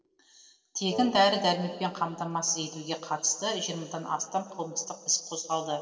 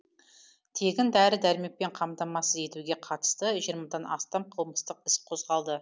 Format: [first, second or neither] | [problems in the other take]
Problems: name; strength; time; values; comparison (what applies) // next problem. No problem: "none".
second | noise reduction (neural separator model SepFormer DNS4)